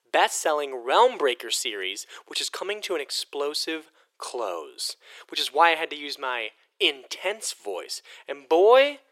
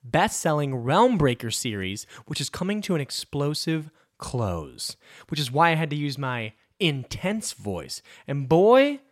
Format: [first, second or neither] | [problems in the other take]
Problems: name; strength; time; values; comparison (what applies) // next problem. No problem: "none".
second | thin; very; fading below 350 Hz